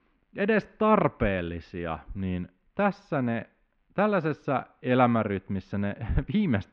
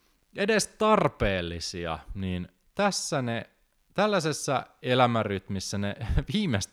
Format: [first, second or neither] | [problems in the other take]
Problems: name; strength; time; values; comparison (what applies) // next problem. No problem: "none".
second | muffled; very; fading above 2.5 kHz